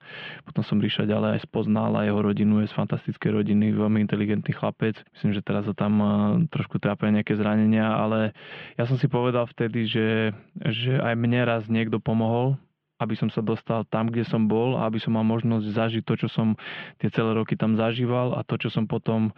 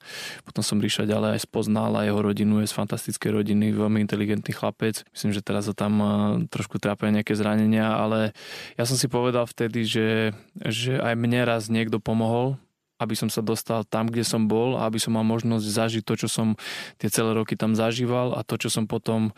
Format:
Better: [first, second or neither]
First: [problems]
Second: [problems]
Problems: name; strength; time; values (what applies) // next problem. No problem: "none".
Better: second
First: muffled; very; fading above 3 kHz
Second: none